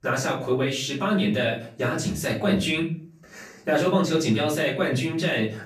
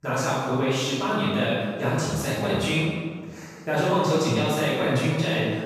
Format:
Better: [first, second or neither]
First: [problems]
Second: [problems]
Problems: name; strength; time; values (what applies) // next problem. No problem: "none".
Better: first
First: room echo; slight; dies away in 0.4 s // off-mic speech; far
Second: room echo; strong; dies away in 1.5 s // off-mic speech; far